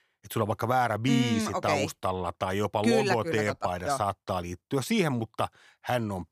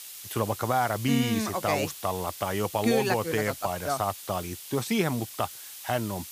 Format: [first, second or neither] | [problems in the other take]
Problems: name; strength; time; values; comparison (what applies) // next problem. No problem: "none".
first | hiss; noticeable; throughout; 10 dB below the speech